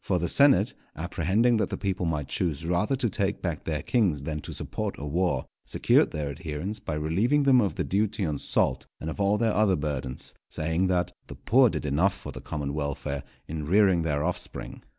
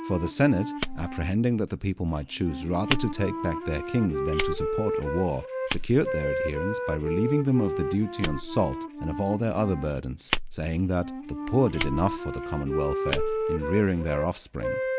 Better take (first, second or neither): first